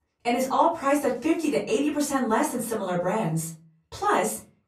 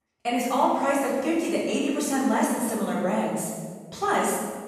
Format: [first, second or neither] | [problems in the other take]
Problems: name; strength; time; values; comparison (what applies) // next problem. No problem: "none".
first | room echo; strong; dies away in 1.4 s; slight in the first // off-mic speech; far; far in the first